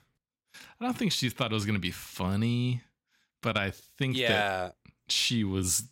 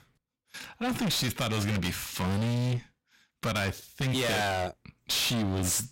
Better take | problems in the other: first | distortion; heavy; 31% of the sound clipped

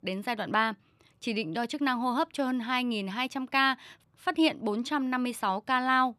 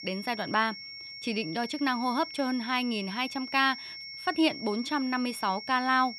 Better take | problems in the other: first | high-pitched whine; noticeable; throughout; 5.5 kHz, 10 dB below the speech

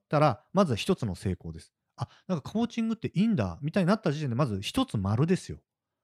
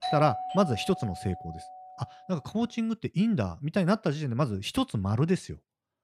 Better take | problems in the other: first | doorbell; noticeable; until 2 s; peak 3 dB below the speech

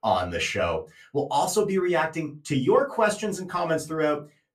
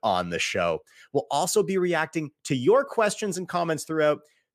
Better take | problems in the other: second | off-mic speech; far // room echo; very slight; dies away in 0.2 s

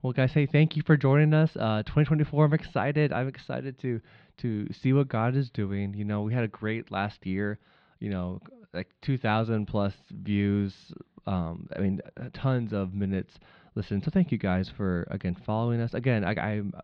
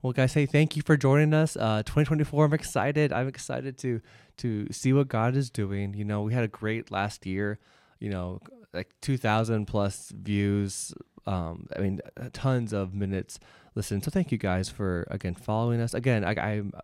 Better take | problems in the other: second | muffled; slightly; fading above 4 kHz

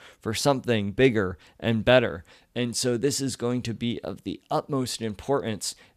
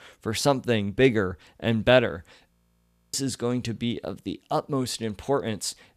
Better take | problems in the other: first | audio freezing; at 2.5 s for 0.5 s

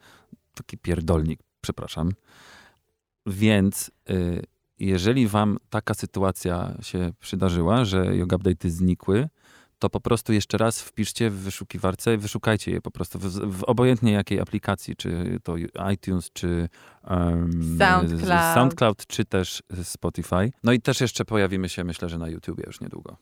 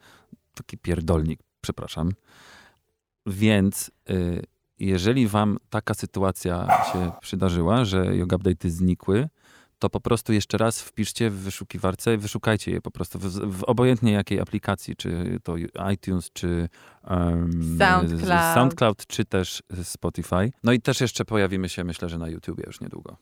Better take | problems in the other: first | dog barking; loud; at 6.5 s; peak 3 dB above the speech

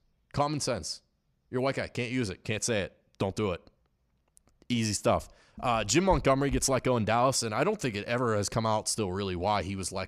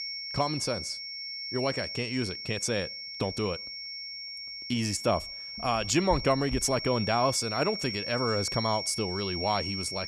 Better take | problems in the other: first | high-pitched whine; loud; throughout; 5.5 kHz, 5 dB below the speech

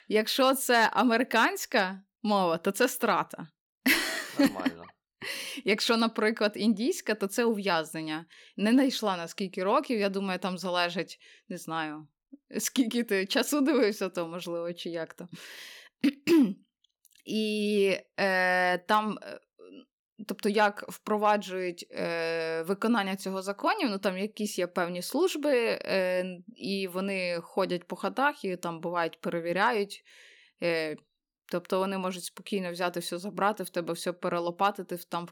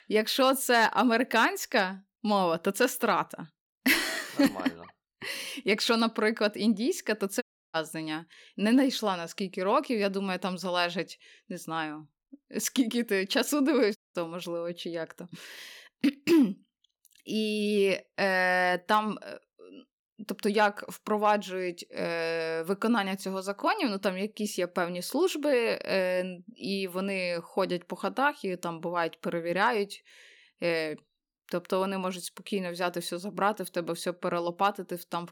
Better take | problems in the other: first | audio cutting out; at 7.5 s and at 14 s

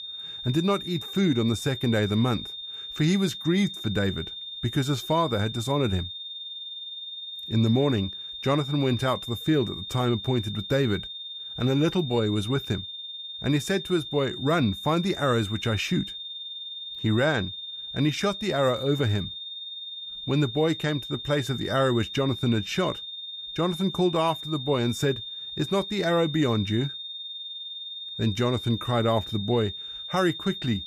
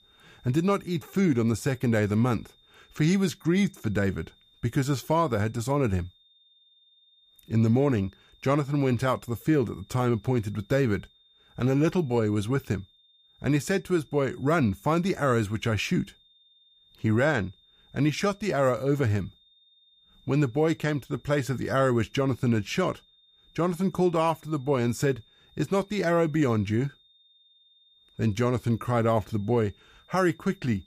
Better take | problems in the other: second | high-pitched whine; loud; throughout; 3.5 kHz, 8 dB below the speech; faint in the second

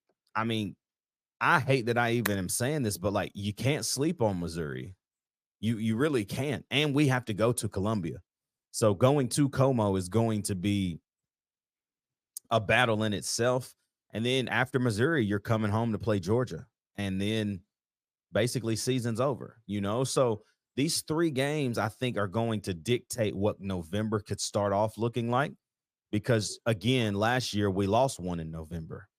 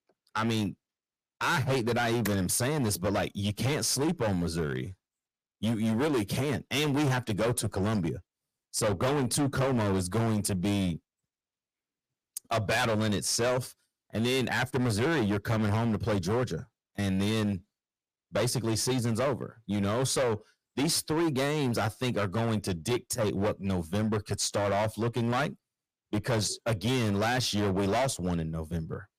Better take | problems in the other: first | distortion; heavy; 17% of the sound clipped

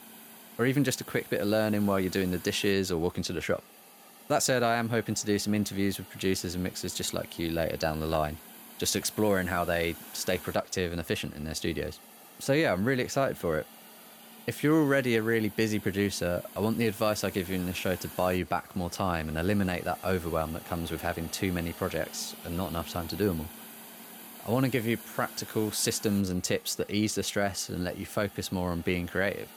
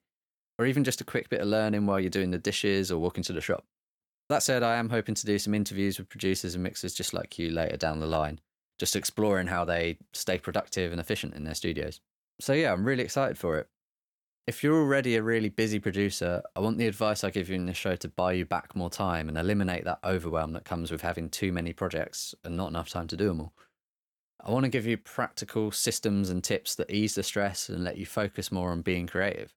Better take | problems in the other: second | hiss; noticeable; throughout; 15 dB below the speech

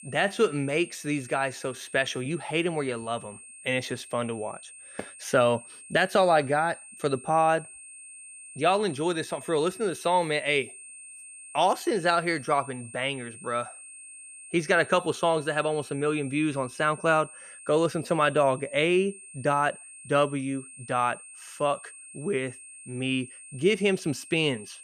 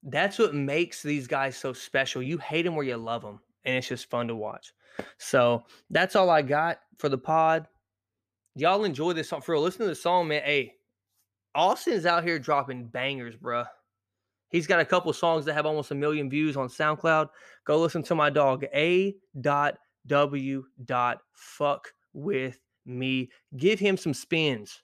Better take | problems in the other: second | high-pitched whine; noticeable; throughout; 8.5 kHz, 15 dB below the speech

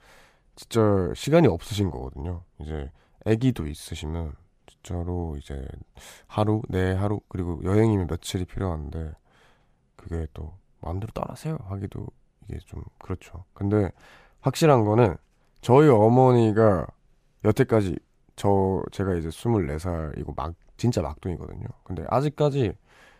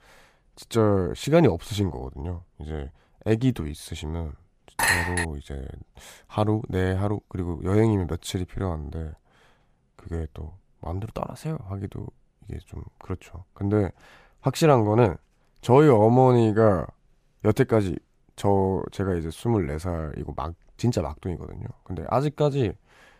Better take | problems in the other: first | clattering dishes; loud; at 5 s; peak 3 dB above the speech

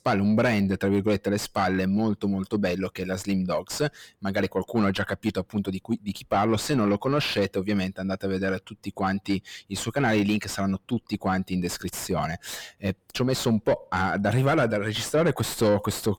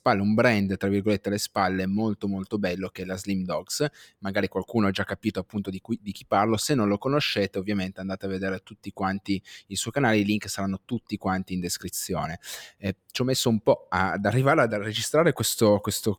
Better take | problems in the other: second | distortion; slight; 10 dB below the speech

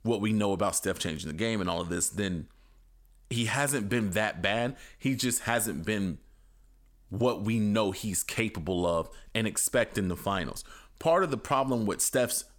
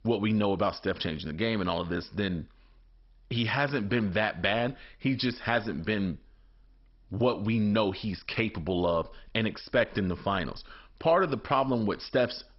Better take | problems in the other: first | garbled, watery; badly; nothing above 5.5 kHz

